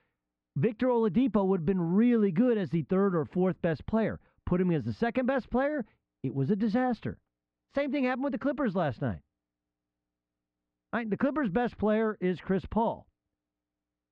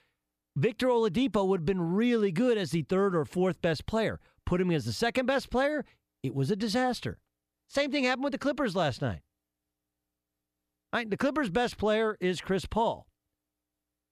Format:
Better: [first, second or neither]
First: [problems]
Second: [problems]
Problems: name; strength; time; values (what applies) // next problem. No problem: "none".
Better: second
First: muffled; very; fading above 2 kHz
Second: none